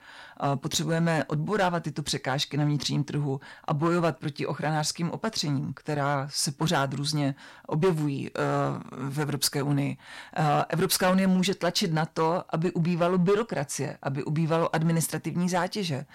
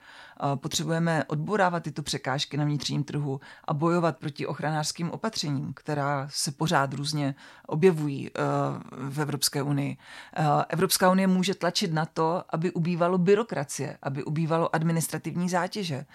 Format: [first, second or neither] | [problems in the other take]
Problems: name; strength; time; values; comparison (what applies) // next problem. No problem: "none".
second | distortion; slight; 5% of the sound clipped